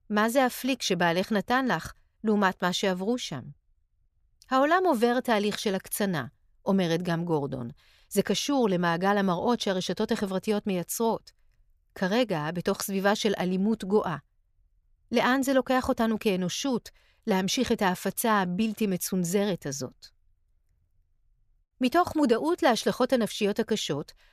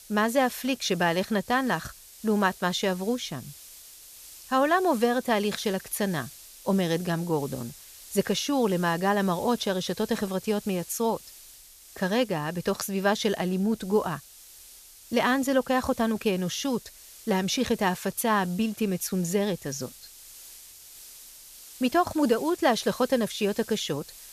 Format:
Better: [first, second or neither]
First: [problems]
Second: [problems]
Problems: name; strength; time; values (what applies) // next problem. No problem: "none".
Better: first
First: none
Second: hiss; noticeable; throughout; 20 dB below the speech